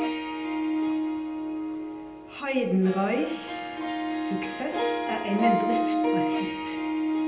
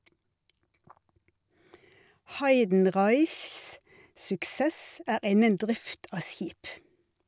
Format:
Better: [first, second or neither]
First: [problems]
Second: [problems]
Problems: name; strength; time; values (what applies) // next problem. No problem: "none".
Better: second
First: background sound (Harp); 2 dB above the speech // room echo; dies away in 0.7 s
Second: none